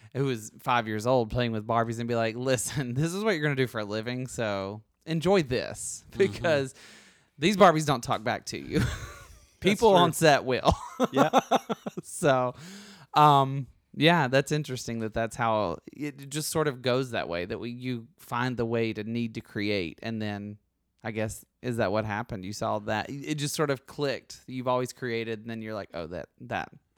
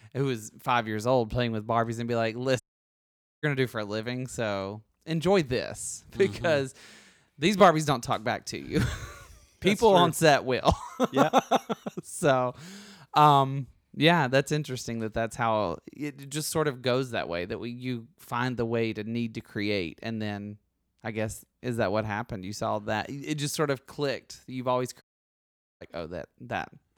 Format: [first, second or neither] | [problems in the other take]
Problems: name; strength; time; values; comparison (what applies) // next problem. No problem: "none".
first | audio cutting out; at 2.5 s for 1 s and at 25 s for 1 s